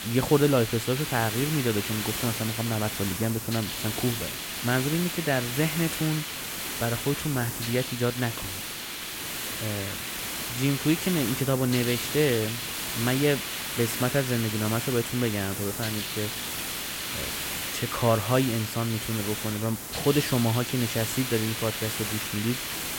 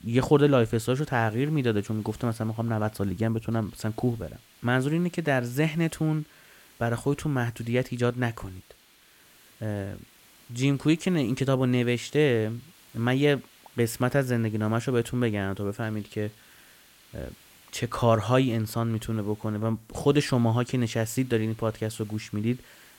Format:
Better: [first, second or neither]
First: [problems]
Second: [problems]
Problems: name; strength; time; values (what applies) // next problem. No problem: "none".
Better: second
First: hiss; loud; throughout; 3 dB below the speech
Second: hiss; faint; throughout; 25 dB below the speech